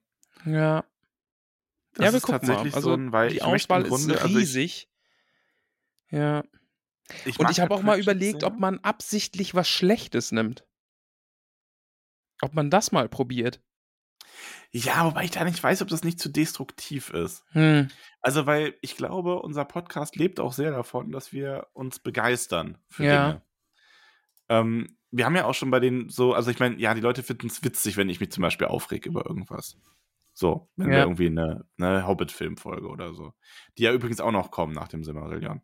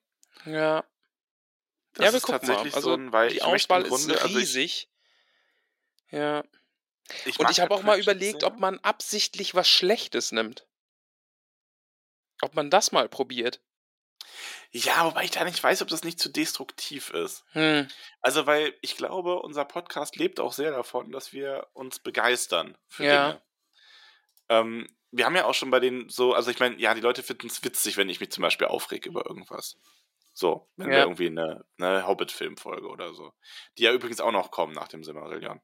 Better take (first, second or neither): first